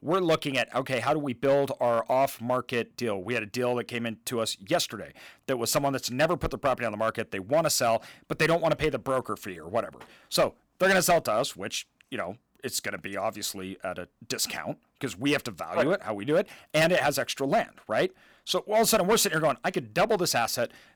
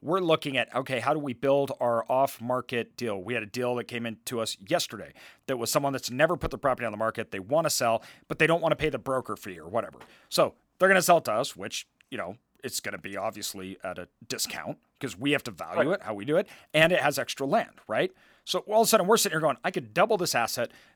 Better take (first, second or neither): second